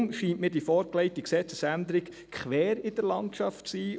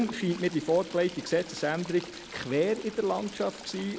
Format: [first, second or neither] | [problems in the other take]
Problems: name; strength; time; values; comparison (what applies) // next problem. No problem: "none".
first | background sound (Stream / Trickle, dribble); 16 dB below the speech